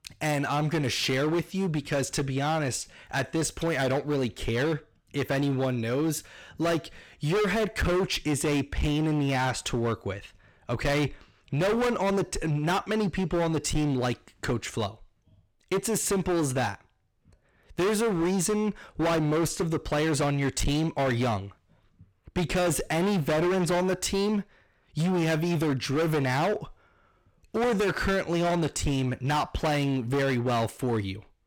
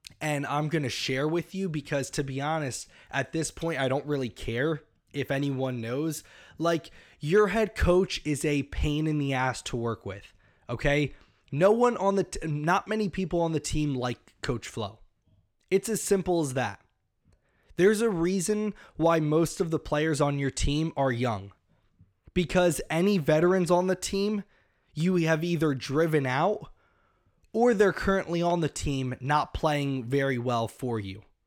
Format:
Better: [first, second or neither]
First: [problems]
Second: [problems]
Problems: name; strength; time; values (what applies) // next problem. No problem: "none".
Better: second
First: distortion; heavy; 19% of the sound clipped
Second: none